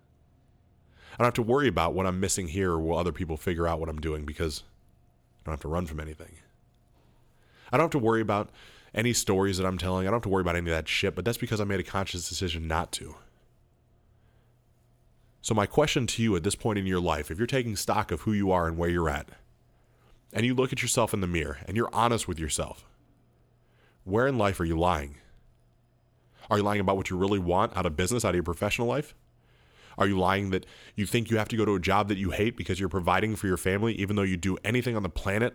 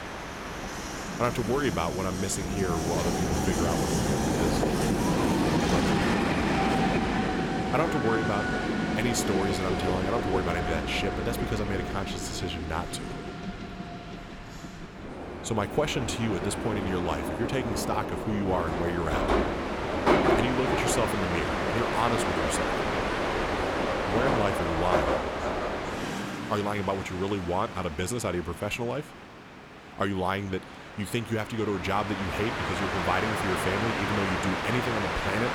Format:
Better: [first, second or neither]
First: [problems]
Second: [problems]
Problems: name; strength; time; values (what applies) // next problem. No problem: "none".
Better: first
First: none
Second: train or aircraft noise; very loud; throughout; 2 dB above the speech